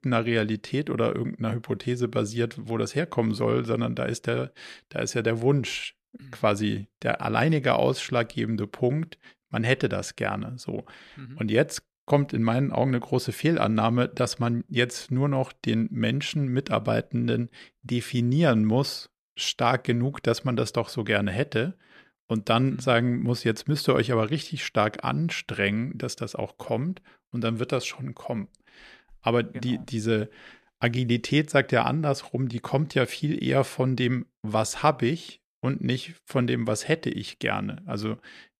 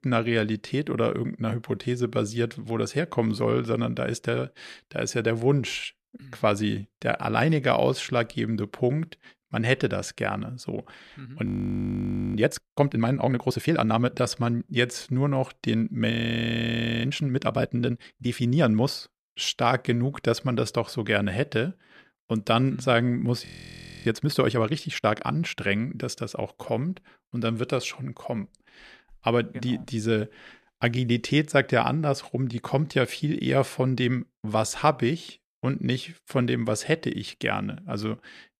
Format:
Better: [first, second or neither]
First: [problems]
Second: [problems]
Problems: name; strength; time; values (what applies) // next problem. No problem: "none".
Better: first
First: none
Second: audio freezing; at 11 s for 1 s, at 16 s for 1 s and at 23 s for 0.5 s